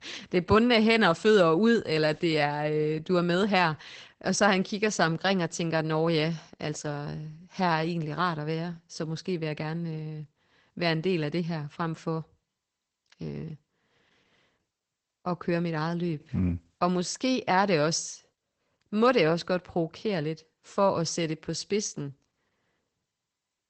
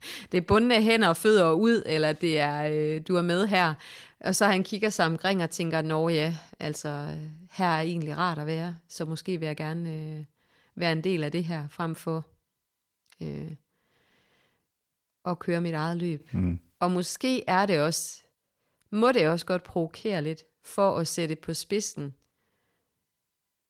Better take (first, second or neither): second